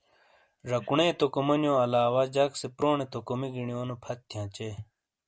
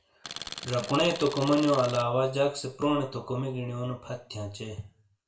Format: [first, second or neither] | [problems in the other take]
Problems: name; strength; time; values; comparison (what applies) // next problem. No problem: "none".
first | background sound (Tools); 11 dB below the speech // room echo; dies away in 0.4 s